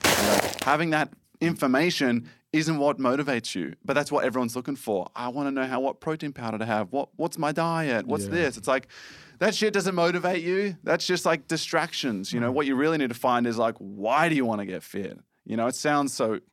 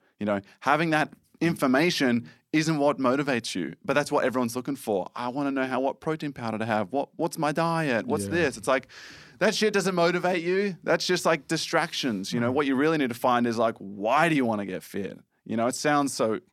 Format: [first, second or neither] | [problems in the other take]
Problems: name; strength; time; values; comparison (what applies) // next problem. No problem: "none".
second | footsteps; loud; at the start; peak 6 dB above the speech